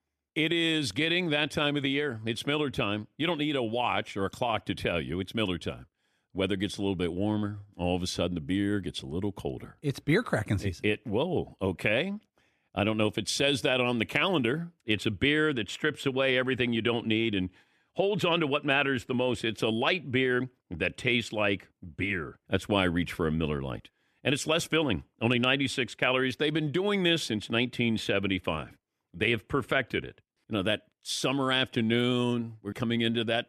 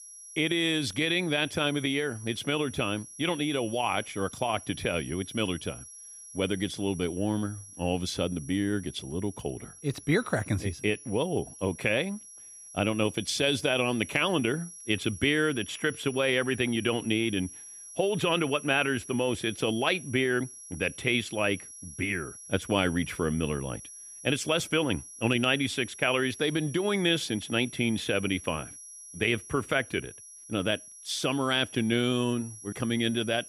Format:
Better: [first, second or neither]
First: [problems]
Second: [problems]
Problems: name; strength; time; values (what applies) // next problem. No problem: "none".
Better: first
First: none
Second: high-pitched whine; noticeable; throughout; 11 kHz, 15 dB below the speech